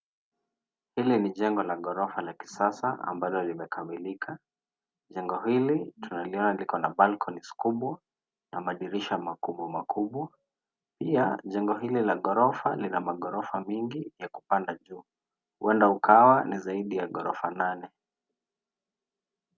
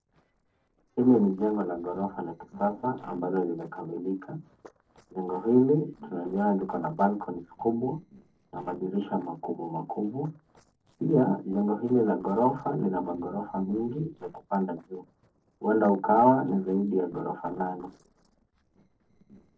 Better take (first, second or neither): first